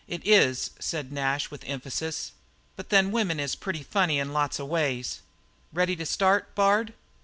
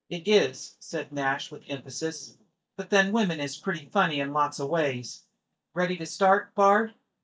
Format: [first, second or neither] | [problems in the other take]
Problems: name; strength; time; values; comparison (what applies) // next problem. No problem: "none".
first | noise reduction (neural mask model DeepFilterNet 3)